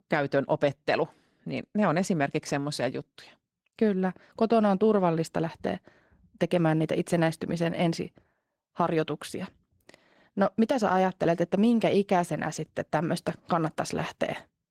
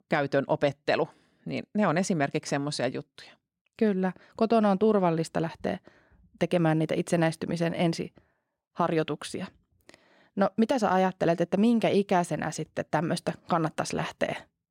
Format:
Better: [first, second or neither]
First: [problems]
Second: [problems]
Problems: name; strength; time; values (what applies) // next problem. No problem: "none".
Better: second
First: garbled, watery; slightly; nothing above 16 kHz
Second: none